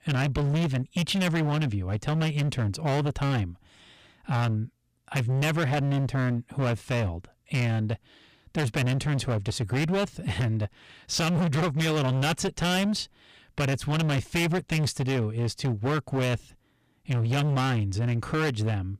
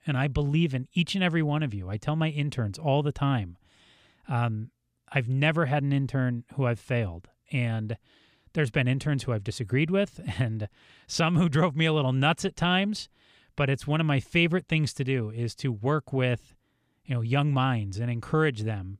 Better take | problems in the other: second | distortion; heavy; 25% of the sound clipped

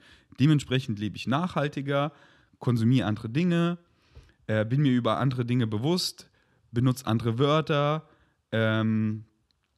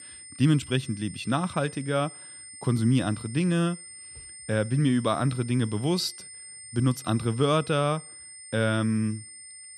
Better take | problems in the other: first | high-pitched whine; noticeable; throughout; 8.5 kHz, 15 dB below the speech

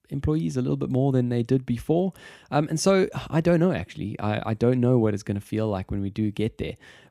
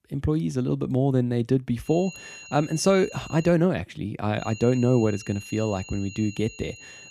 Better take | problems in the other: first | high-pitched whine; noticeable; from 2 to 3.5 s and from 4.5 s on; 3 kHz, 15 dB below the speech

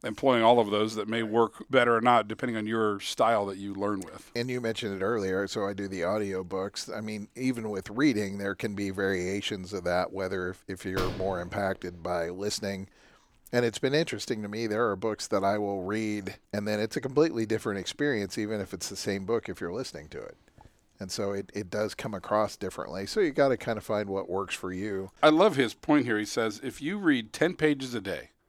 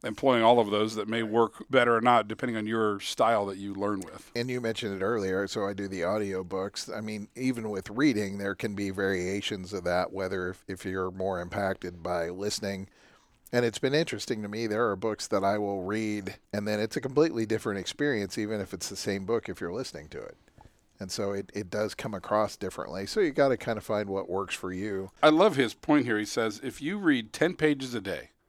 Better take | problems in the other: second | door banging; noticeable; at 11 s; peak 7 dB below the speech

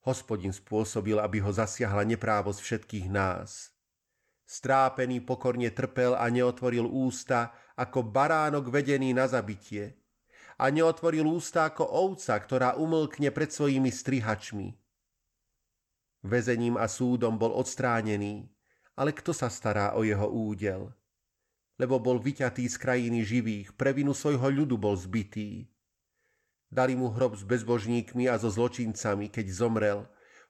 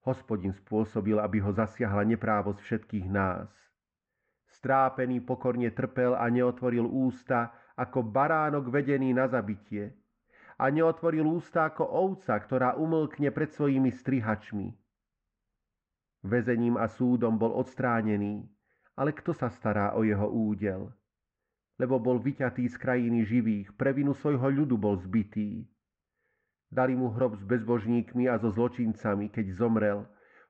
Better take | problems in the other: first | muffled; very; fading above 1.5 kHz

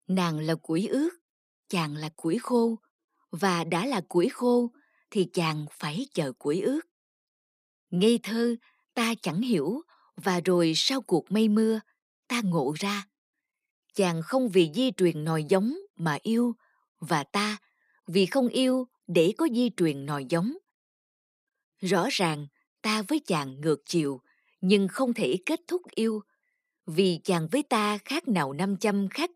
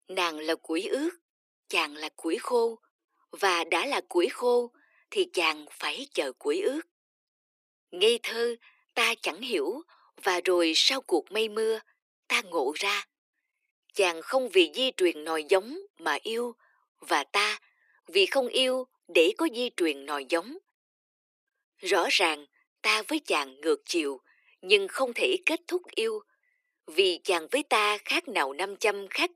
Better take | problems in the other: first | thin; very; fading below 350 Hz

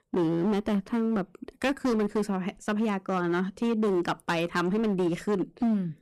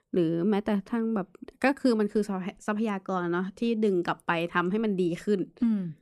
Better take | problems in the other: second | distortion; slight; 14% of the sound clipped

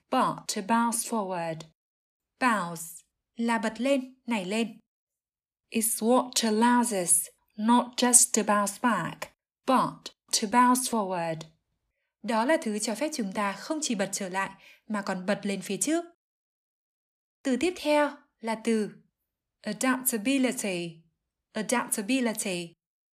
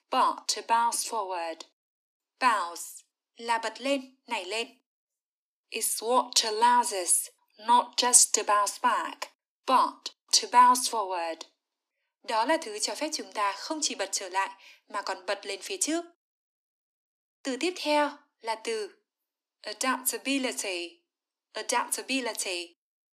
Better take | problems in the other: first | thin; somewhat; fading below 250 Hz

